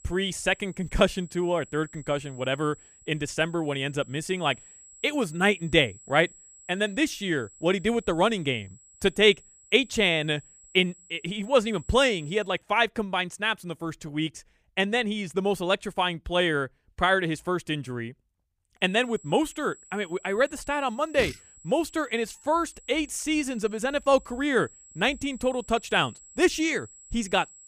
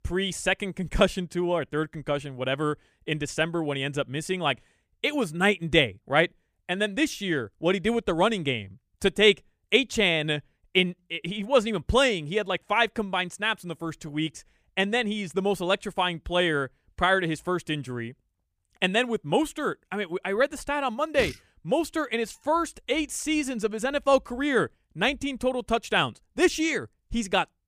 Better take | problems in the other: second | high-pitched whine; faint; until 12 s and from 19 s on; 7.5 kHz, 25 dB below the speech

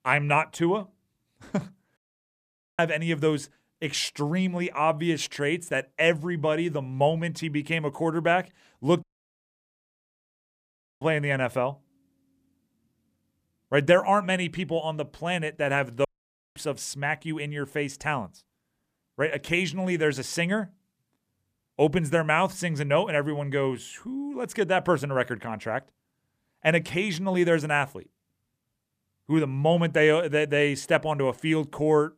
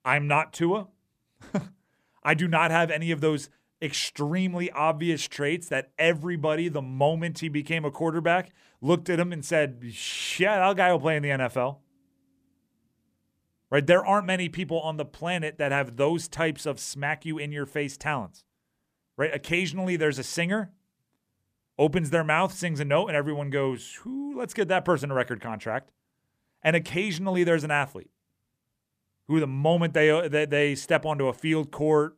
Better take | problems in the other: second | audio cutting out; at 2 s for 1 s, at 9 s for 2 s and at 16 s for 0.5 s

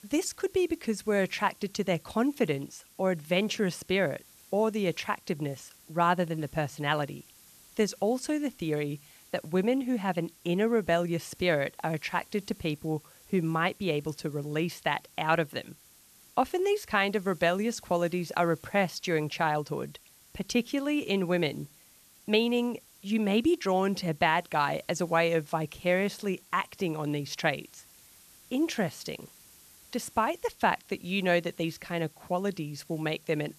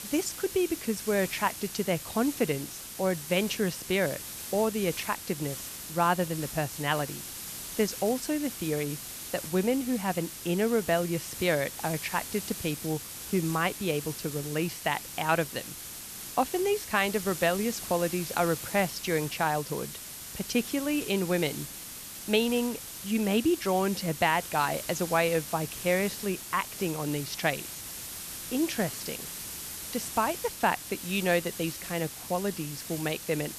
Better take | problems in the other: first | hiss; loud; throughout; 8 dB below the speech; faint in the first

